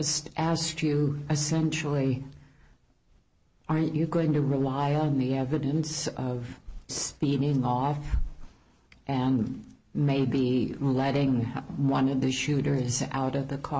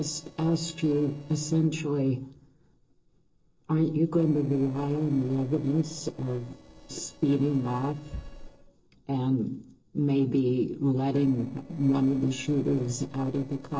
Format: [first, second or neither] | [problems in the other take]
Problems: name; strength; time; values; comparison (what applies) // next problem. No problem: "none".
first | noise reduction (neural separator model SepFormer DNS4)